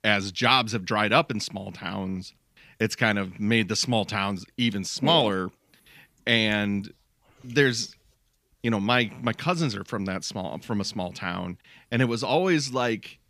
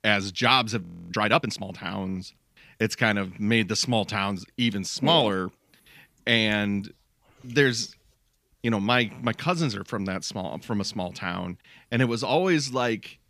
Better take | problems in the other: first | audio freezing; at 1 s

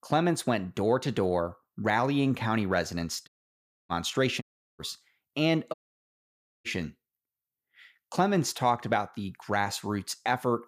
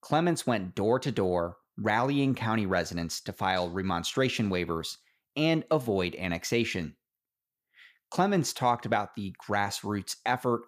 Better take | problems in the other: second | audio cutting out; at 3.5 s for 0.5 s, at 4.5 s and at 5.5 s for 1 s

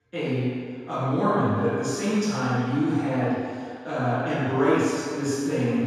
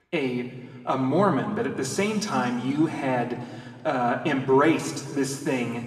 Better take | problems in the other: second | room echo; strong; dies away in 1.8 s; slight in the second // off-mic speech; far; somewhat distant in the second

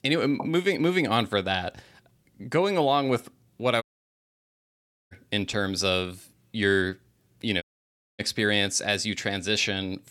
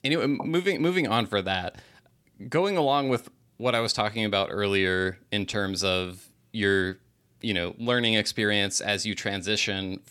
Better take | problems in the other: second | audio cutting out; at 4 s for 1.5 s and at 7.5 s for 0.5 s

